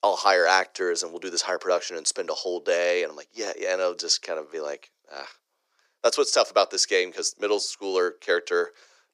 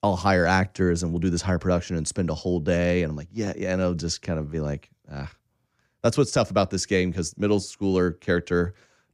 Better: second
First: thin; very; fading below 400 Hz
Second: none

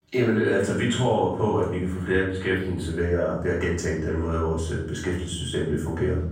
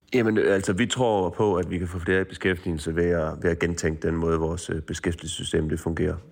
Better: second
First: off-mic speech; far // room echo; noticeable; dies away in 0.6 s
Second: none

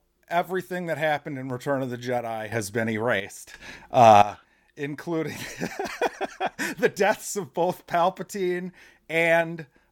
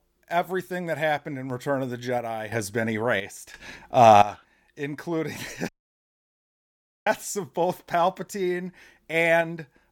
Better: first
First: none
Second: audio cutting out; at 5.5 s for 1.5 s

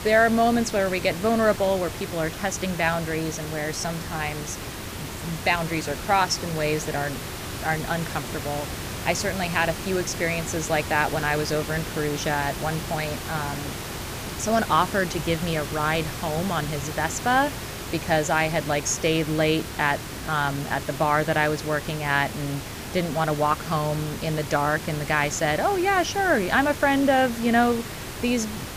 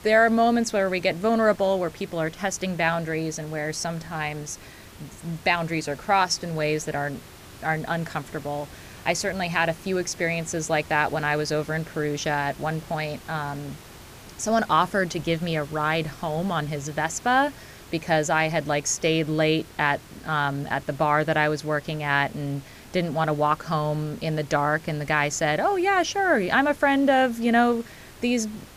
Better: second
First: hiss; loud; throughout; 9 dB below the speech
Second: hiss; faint; throughout; 20 dB below the speech

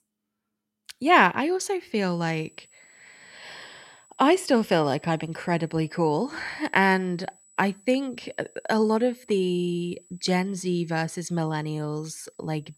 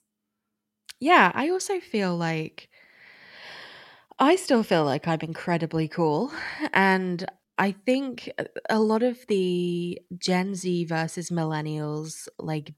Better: second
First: high-pitched whine; faint; from 2 s on; 8 kHz, 30 dB below the speech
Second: none

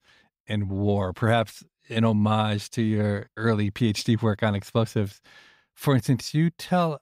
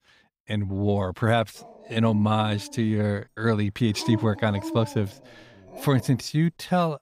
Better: first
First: none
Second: dog barking; noticeable; from 1.5 to 6 s; peak 8 dB below the speech

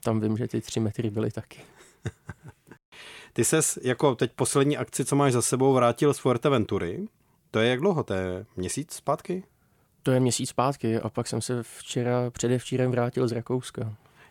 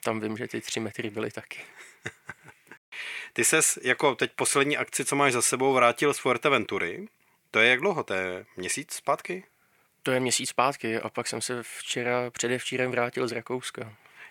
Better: first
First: none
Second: thin; somewhat; fading below 600 Hz

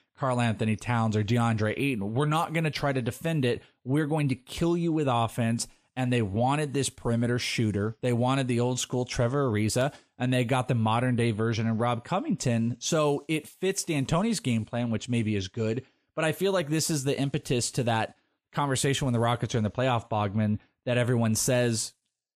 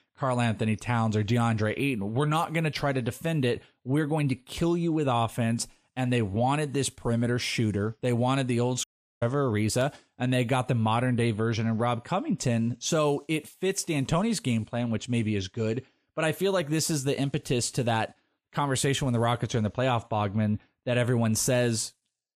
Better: first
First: none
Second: audio cutting out; at 9 s

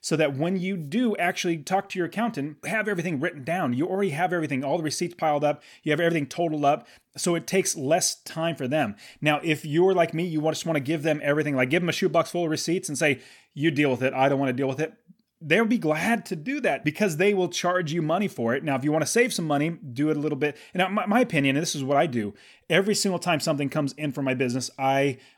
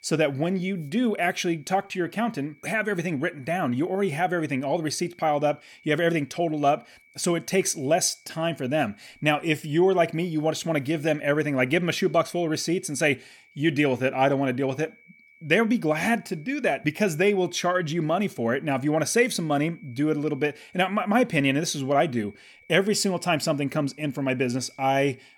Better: first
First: none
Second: high-pitched whine; faint; throughout; 2.5 kHz, 30 dB below the speech

